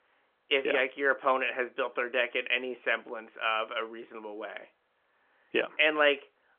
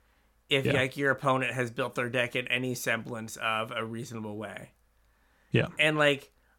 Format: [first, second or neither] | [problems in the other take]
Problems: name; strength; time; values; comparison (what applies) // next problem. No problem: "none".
second | phone-call audio; nothing above 3 kHz